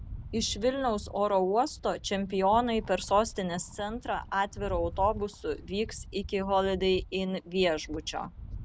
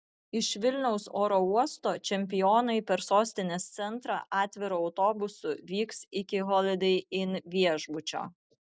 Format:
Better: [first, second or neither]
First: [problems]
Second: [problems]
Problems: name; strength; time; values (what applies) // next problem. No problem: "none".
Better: second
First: background sound (Rattle); 13 dB below the speech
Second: none